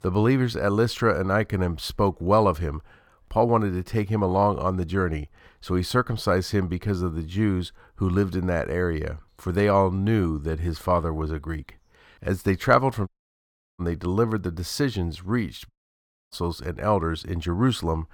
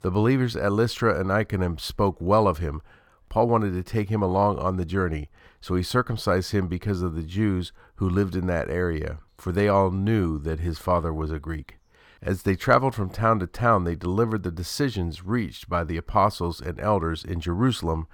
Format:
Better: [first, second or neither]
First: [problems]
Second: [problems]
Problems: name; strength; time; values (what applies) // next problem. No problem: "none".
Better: second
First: audio cutting out; at 13 s for 0.5 s and at 16 s for 0.5 s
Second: none